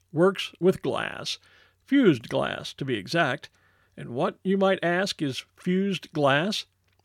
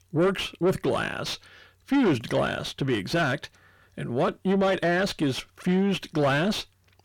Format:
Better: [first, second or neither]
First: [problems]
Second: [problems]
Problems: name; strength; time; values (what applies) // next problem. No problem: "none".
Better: first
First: none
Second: distortion; heavy; 7 dB below the speech